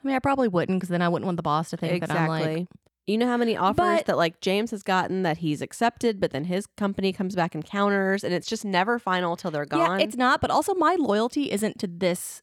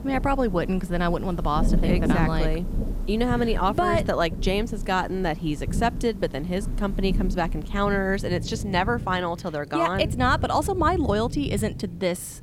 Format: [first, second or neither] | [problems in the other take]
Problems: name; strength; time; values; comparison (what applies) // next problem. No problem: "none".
first | rain or running water; loud; throughout; 6 dB below the speech